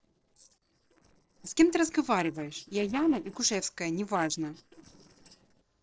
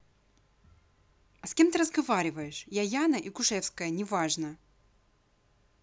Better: second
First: noise reduction (neural separator model SepFormer DNS4)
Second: none

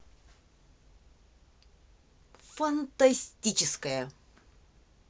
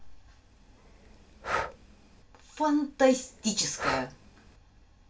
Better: first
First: none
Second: background sound (Breathing); 7 dB below the speech // room echo; dies away in 0.2 s

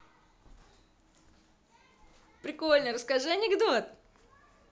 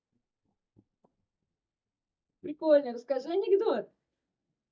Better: first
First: none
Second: noise reduction (neural mask model DeepFilterNet 3)

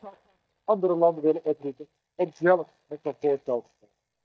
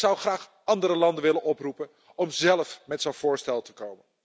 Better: second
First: noise reduction (neural mask model DeepFilterNet 3)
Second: none

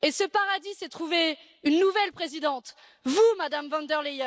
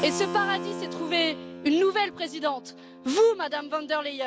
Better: first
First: none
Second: background sound (Keyboard (musical)); 10 dB below the speech

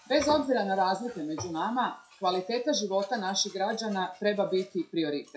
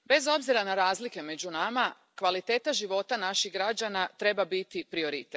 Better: second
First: noise reduction (classical method WPE with log-MMSE)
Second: none

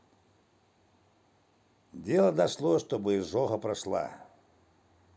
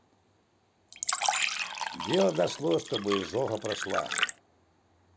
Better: first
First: none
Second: background sound (Fill (with liquid)); 1 dB below the speech

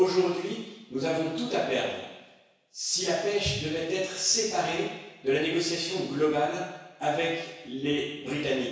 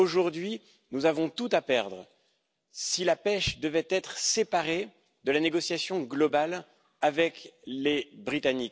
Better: second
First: room echo; dies away in 1.1 s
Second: none

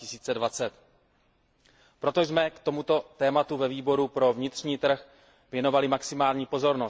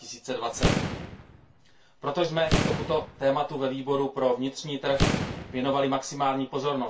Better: first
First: none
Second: background sound (Boom); 2 dB below the speech // room echo; dies away in 0.2 s

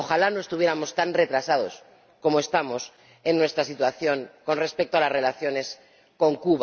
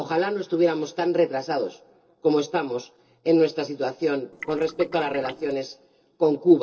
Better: first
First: none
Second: noise reduction (neural separator model SepFormer DNS4)

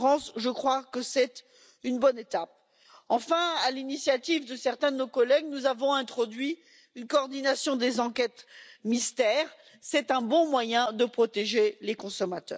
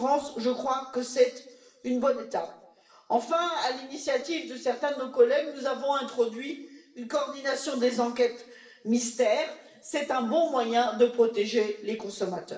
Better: first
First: none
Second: room echo; dies away in 0.6 s

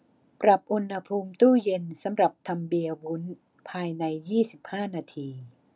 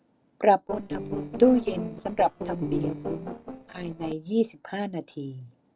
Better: first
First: none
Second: noise reduction (neural separator model SepFormer DNS4)

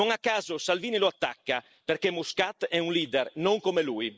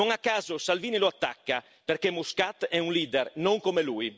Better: second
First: noise reduction (neural mask model Resemble Enhance denoiser)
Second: none

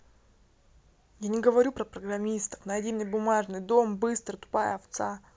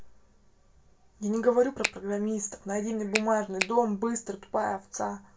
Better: first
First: none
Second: background sound (Finger snapping); 4 dB below the speech // room echo; dies away in 0.2 s

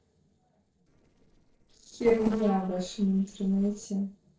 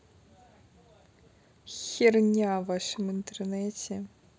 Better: second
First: noise reduction (neural separator model SepFormer DNS4)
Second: none

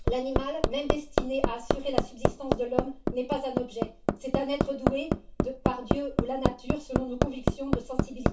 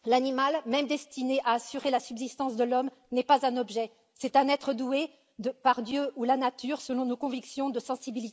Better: second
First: background sound (Hammer); 4 dB above the speech // room echo; dies away in 0.2 s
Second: none

